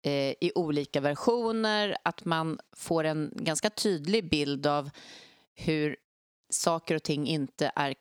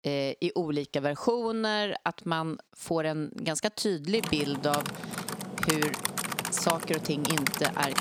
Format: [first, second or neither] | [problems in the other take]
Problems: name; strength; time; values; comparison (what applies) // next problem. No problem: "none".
first | keyboard typing; loud; from 4 s on; peak 2 dB above the speech